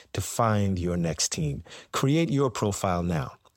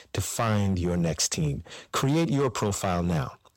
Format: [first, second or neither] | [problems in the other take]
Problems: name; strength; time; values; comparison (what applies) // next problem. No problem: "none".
first | distortion; slight; 7% of the sound clipped